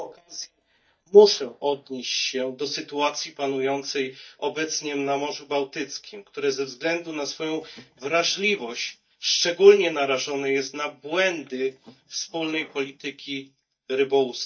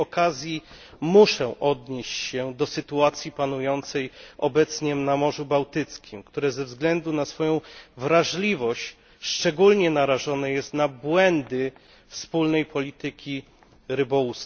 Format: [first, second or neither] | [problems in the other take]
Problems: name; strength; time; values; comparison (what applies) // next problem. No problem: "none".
second | noise reduction (neural mask model DeepFilterNet 3)